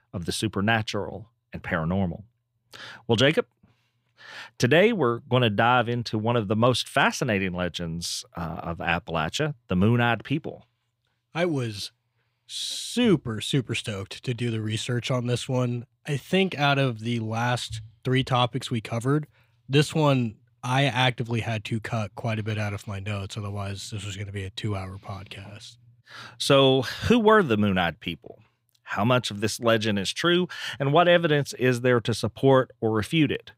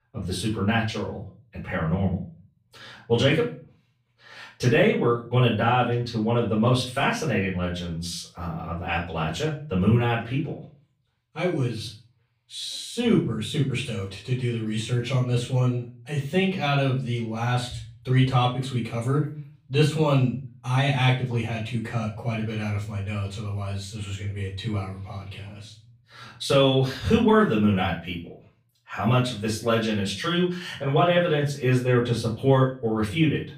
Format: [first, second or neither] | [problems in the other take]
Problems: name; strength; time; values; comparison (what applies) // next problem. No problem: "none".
first | off-mic speech; far // room echo; slight; dies away in 0.3 s